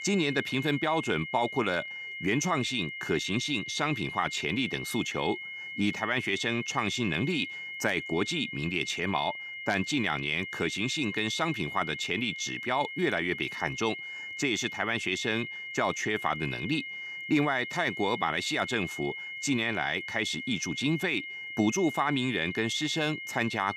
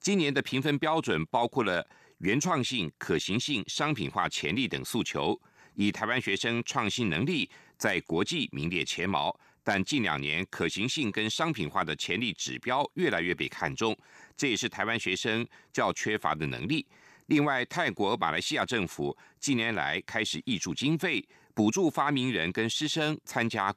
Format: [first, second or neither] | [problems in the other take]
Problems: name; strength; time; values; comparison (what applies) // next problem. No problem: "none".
second | high-pitched whine; loud; throughout; 2 kHz, 7 dB below the speech